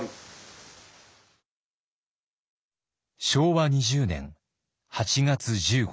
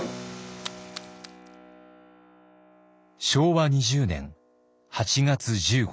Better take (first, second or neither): first